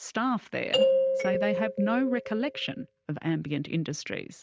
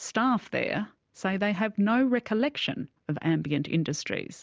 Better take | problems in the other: second | noise reduction (neural mask model RNNoise)

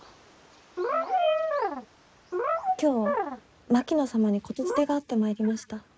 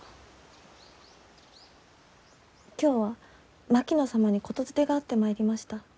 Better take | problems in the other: second | noise reduction (neural mask model Resemble Enhance denoiser)

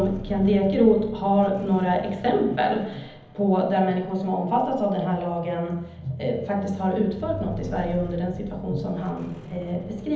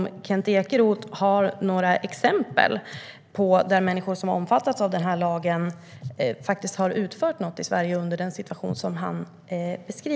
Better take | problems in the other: second | background sound (Squeak); 15 dB below the speech // room echo; dies away in 1.3 s

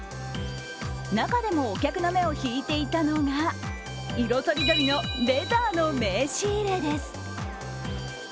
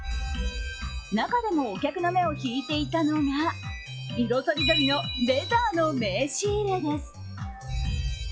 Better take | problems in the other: first | noise reduction (classical method log-MMSE)

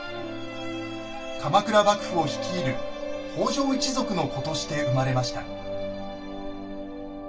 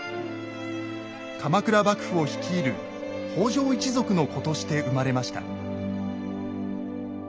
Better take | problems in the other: second | room echo; dies away in 0.2 s

